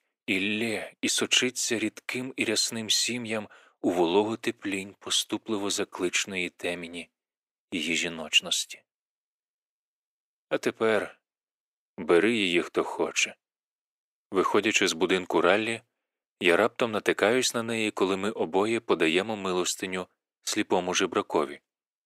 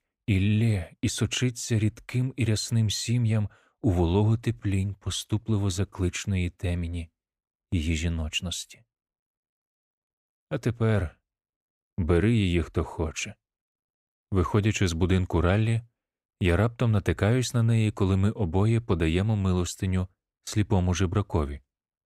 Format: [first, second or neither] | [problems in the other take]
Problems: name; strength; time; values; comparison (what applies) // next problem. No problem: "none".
second | thin; very; fading below 350 Hz